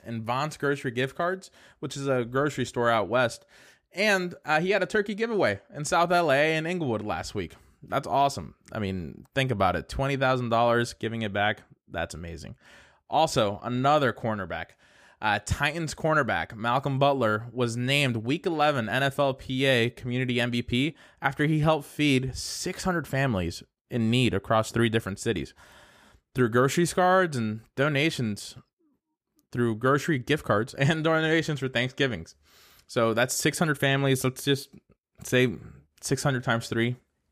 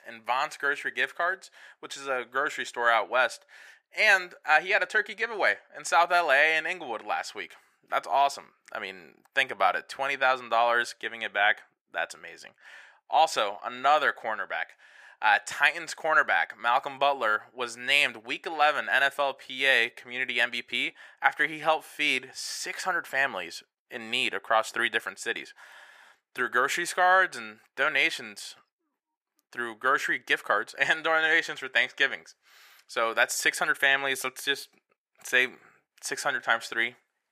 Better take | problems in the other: first | thin; very; fading below 600 Hz

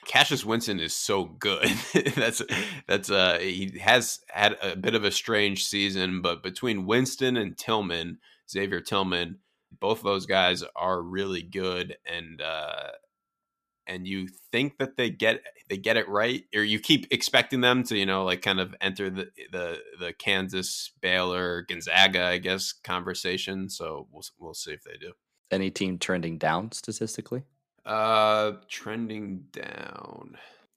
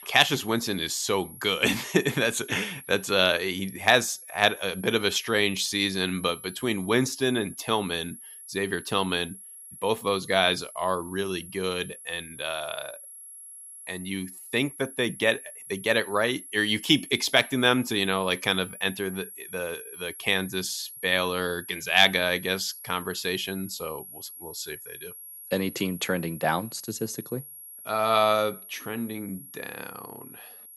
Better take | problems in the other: first | high-pitched whine; noticeable; throughout; 11 kHz, 15 dB below the speech

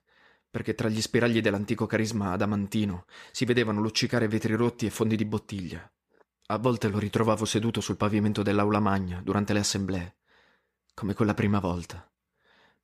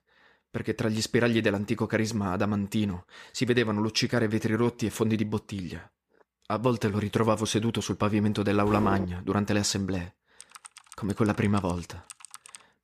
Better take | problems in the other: first | footsteps; noticeable; at 8.5 s; peak 5 dB below the speech // keyboard typing; faint; from 10 s on; peak 20 dB below the speech

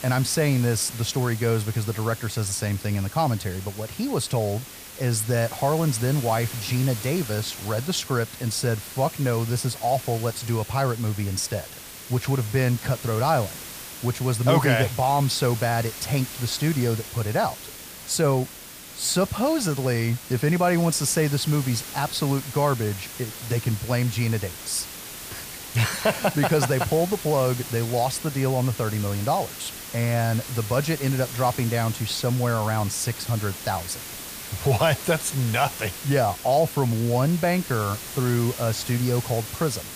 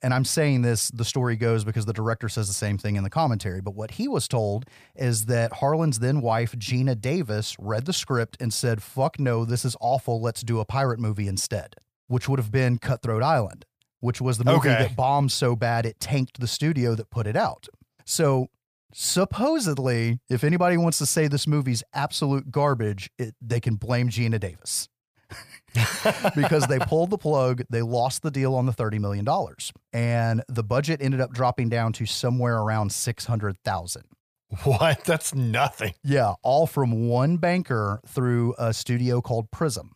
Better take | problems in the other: second | hiss; noticeable; throughout; 10 dB below the speech

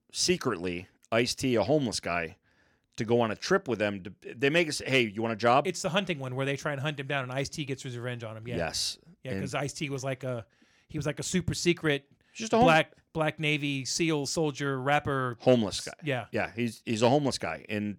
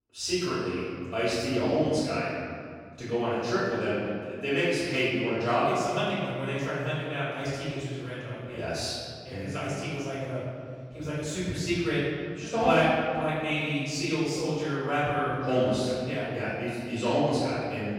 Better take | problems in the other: first | off-mic speech; far // room echo; strong; dies away in 1.9 s

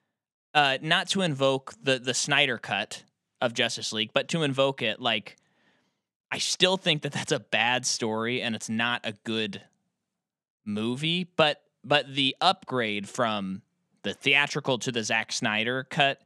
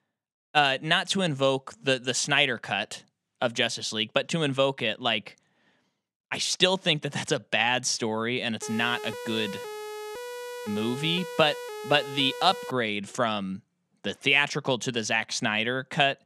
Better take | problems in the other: first | siren; faint; from 8.5 to 13 s; peak 10 dB below the speech

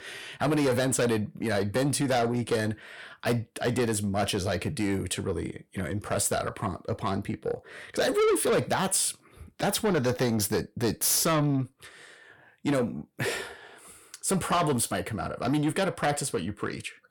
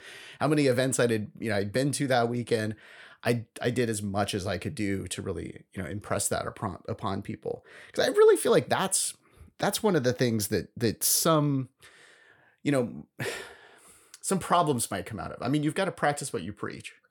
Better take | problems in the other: second | distortion; heavy; 8 dB below the speech

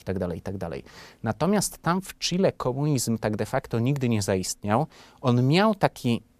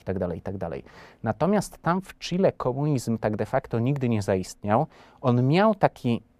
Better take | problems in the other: first | muffled; slightly; fading above 3.5 kHz

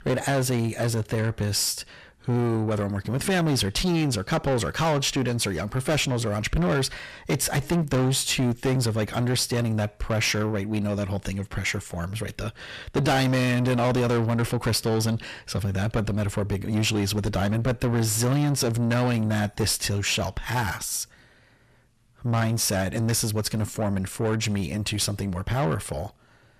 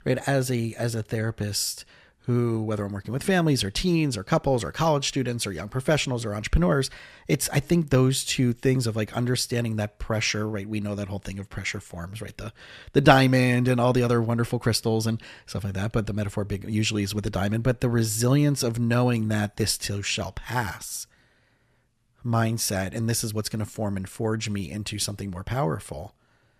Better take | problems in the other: second | distortion; heavy; 7 dB below the speech

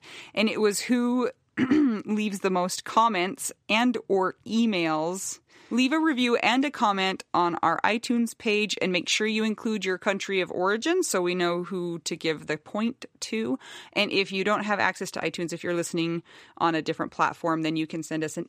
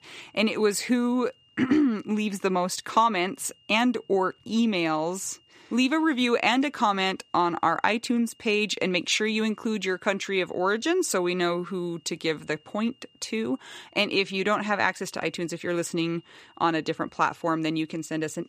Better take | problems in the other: first | high-pitched whine; faint; throughout; 3 kHz, 35 dB below the speech

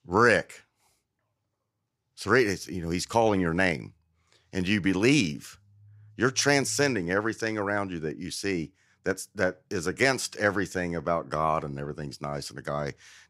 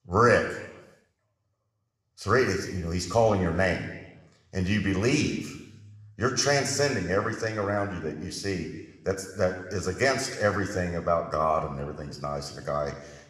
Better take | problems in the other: first | room echo; slight; dies away in 1 s

